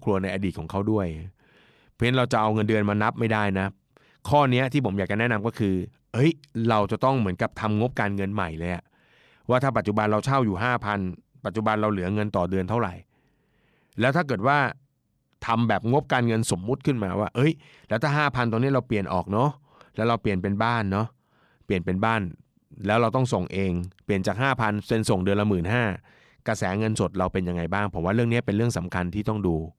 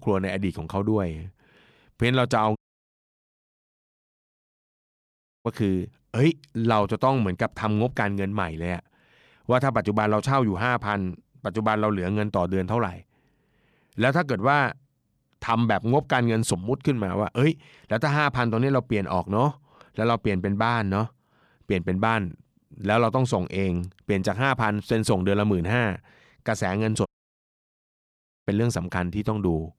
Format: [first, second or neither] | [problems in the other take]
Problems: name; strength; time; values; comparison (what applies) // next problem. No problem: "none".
first | audio cutting out; at 2.5 s for 3 s and at 27 s for 1.5 s